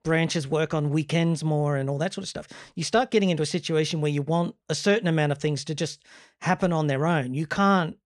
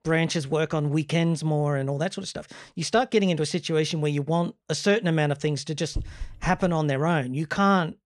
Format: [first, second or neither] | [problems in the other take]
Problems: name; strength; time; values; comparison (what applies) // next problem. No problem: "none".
first | dog barking; faint; at 6 s; peak 10 dB below the speech